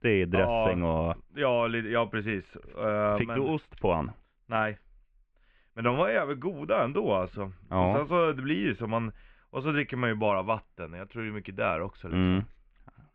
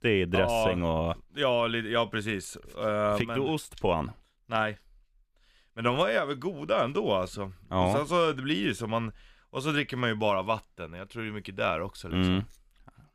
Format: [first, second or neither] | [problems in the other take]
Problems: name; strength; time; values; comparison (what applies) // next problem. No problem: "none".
second | muffled; very; fading above 2.5 kHz